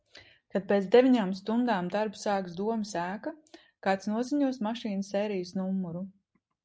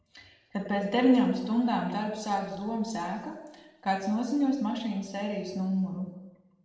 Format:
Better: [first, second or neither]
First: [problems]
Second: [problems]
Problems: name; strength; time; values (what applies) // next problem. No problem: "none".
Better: first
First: none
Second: room echo; dies away in 1 s